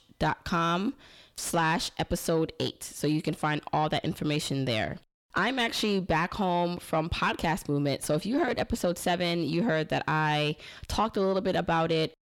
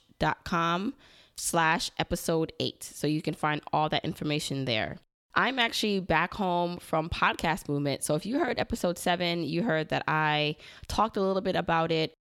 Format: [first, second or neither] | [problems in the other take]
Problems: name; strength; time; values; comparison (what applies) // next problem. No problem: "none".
second | distortion; slight; 10 dB below the speech